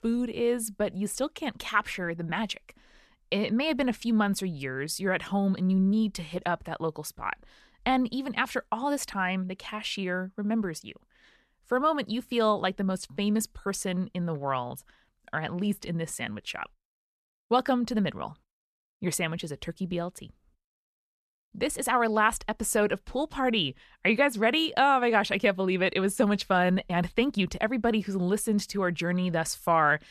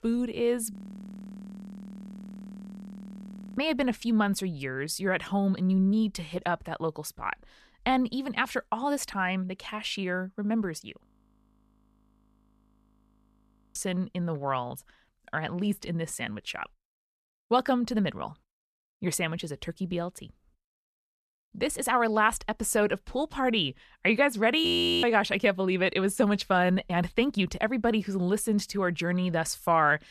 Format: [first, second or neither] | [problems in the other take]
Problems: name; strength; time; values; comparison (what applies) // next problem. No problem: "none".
first | audio freezing; at 0.5 s for 3 s, at 11 s for 2.5 s and at 25 s